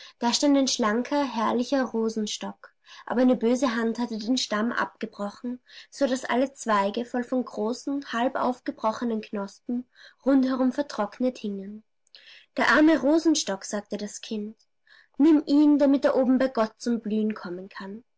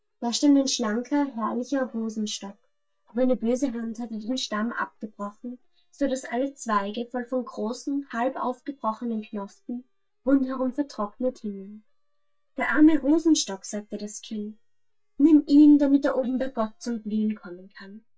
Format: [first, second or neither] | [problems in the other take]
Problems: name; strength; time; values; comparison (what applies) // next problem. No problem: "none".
first | noise reduction (neural mask model DeepFilterNet 3)